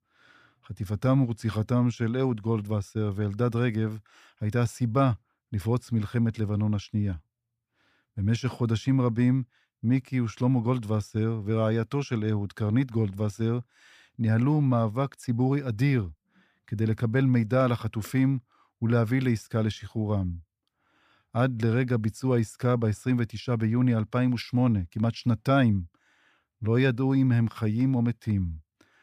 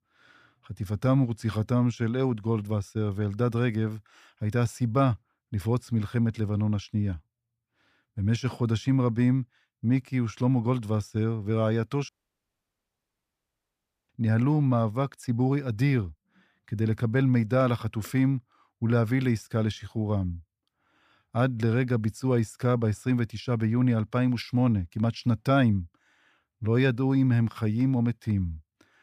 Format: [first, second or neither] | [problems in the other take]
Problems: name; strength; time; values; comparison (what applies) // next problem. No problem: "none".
first | audio cutting out; at 12 s for 2 s